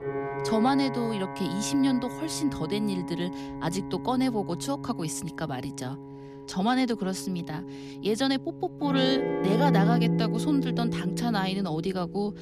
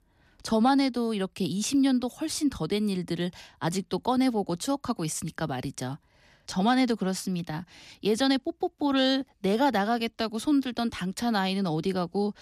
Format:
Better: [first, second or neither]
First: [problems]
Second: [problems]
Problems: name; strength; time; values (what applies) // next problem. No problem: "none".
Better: second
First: background music; loud; throughout; 3 dB below the speech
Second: none